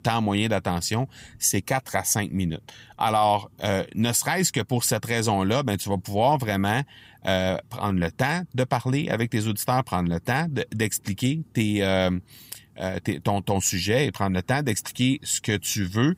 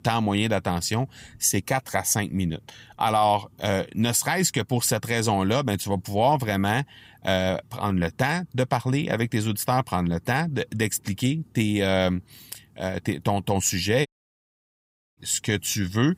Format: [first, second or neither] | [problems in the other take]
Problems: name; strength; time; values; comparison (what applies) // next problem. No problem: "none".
first | audio cutting out; at 14 s for 1 s